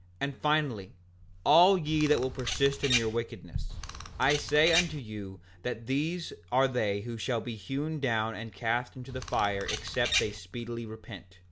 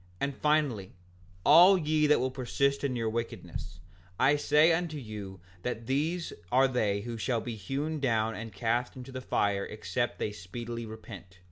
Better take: second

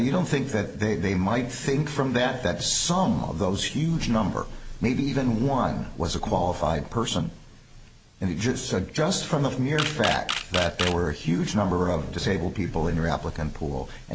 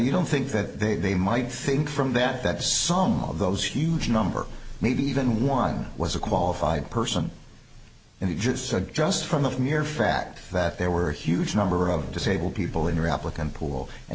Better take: second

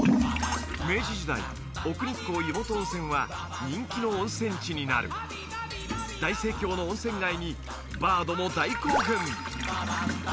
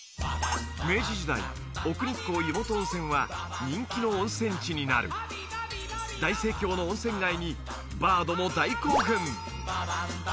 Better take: second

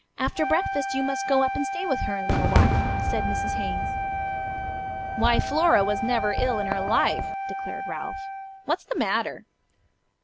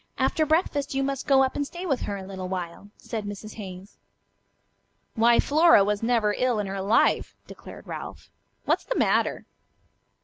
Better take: second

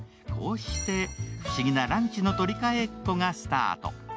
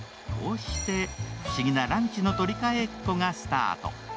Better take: first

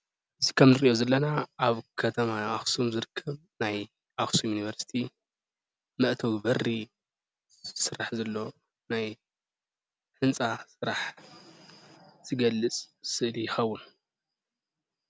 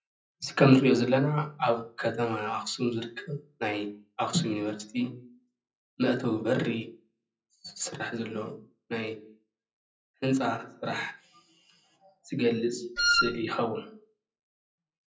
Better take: first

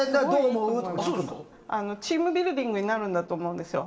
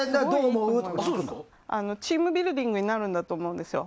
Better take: second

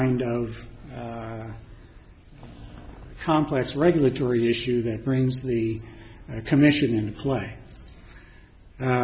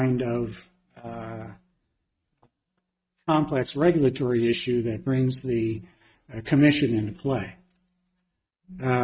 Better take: first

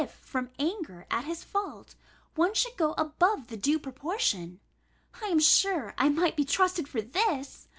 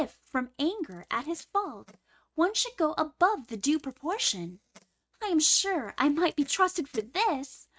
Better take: first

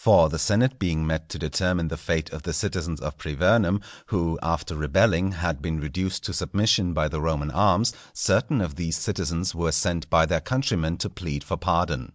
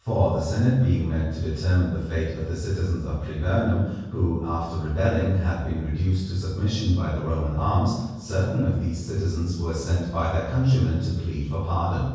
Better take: first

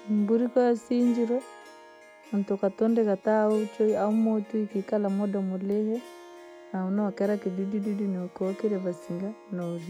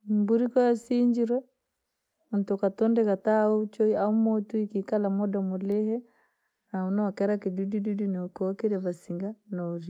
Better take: second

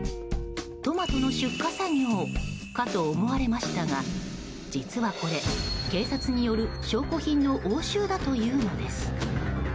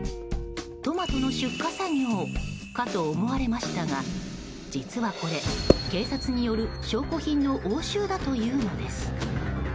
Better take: first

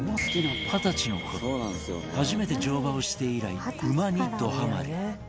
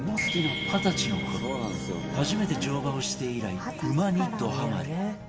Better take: first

